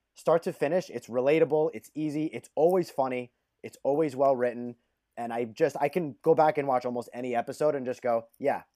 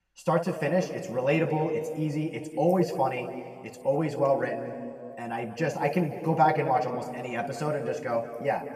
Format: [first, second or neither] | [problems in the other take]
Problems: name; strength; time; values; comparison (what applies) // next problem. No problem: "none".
first | room echo; noticeable; dies away in 1.9 s // off-mic speech; somewhat distant